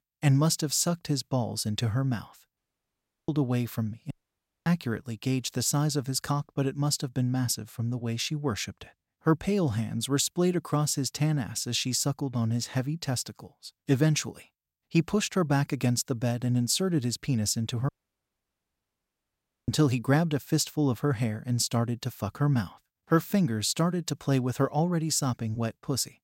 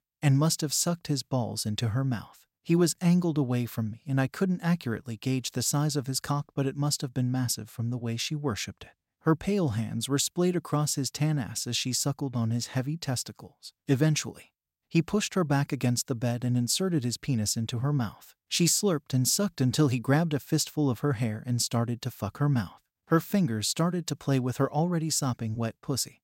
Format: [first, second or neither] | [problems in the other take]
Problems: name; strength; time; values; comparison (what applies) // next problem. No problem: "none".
second | audio cutting out; at 2.5 s for 0.5 s, at 4 s for 0.5 s and at 18 s for 2 s